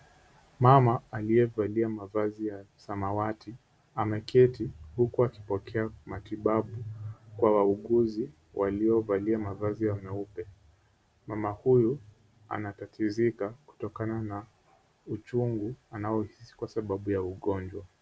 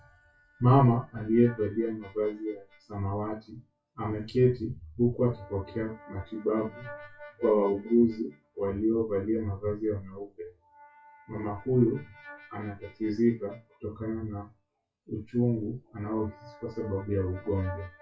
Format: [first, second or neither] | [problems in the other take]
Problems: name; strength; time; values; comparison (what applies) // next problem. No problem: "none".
first | noise reduction (classical method WPE with log-MMSE)